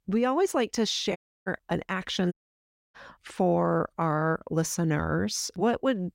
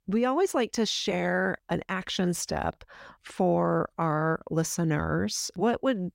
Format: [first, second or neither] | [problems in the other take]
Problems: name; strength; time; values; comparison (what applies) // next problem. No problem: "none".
second | audio cutting out; at 1 s and at 2.5 s for 0.5 s